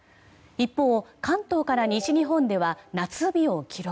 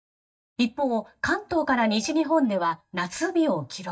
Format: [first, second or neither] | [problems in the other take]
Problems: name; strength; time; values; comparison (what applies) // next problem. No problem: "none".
first | noise reduction (neural mask model DeepFilterNet 3)